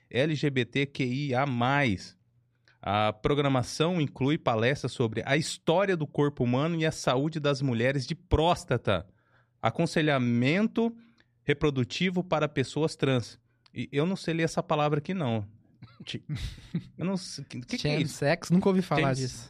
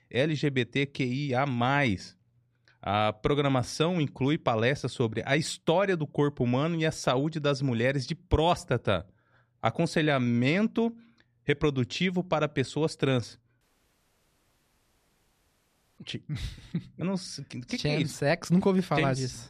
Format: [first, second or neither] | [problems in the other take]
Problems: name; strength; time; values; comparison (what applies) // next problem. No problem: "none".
first | audio cutting out; at 14 s for 2.5 s